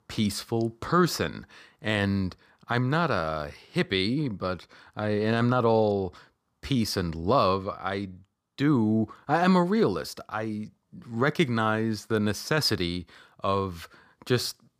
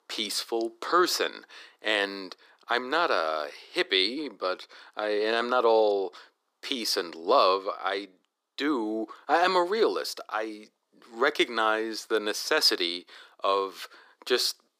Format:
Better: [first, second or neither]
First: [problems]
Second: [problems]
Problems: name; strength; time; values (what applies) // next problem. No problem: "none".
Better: first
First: none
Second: thin; very; fading below 350 Hz